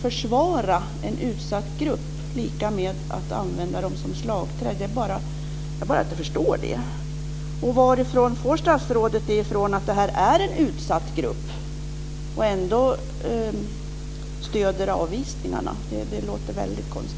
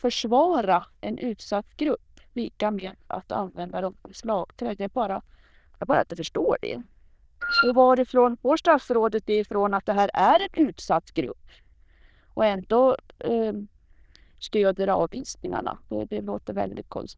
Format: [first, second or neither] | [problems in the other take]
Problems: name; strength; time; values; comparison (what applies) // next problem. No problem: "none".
first | noise reduction (neural diffusion model UNIVERSE++)